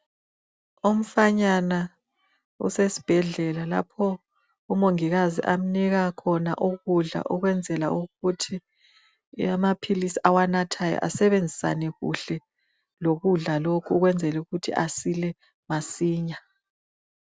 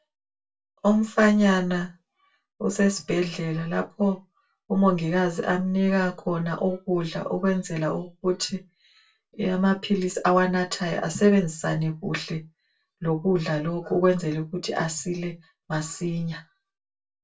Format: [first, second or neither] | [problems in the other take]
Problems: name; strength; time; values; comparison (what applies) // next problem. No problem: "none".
first | room echo; dies away in 0.2 s